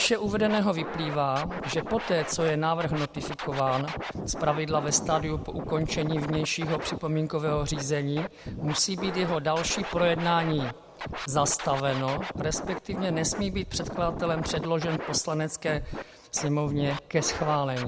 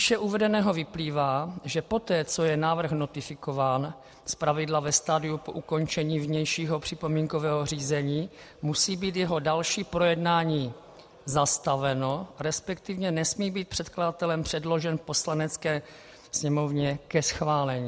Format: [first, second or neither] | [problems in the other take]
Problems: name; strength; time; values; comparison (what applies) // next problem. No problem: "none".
second | background sound (Scratching (performance technique)); 8 dB below the speech